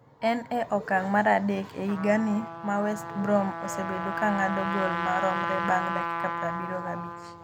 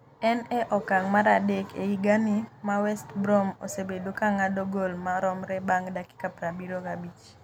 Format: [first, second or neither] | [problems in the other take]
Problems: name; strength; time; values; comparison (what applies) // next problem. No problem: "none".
second | background sound (Trumpet); 6 dB below the speech